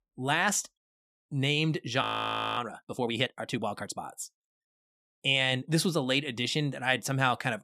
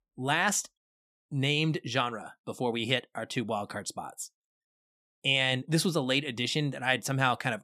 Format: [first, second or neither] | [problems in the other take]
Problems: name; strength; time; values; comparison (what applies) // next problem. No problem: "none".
second | audio freezing; at 2 s for 0.5 s